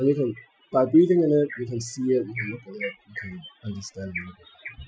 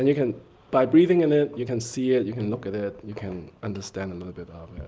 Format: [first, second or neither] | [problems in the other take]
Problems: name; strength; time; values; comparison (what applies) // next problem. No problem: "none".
second | noise reduction (classical method Wiener filter)